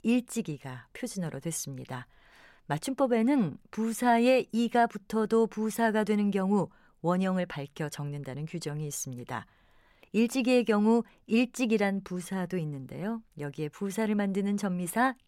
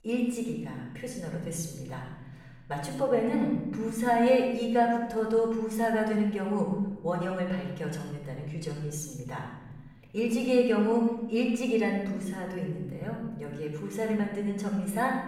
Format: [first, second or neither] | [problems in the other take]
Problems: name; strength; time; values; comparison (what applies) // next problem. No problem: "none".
first | off-mic speech; far // room echo; noticeable; dies away in 1.3 s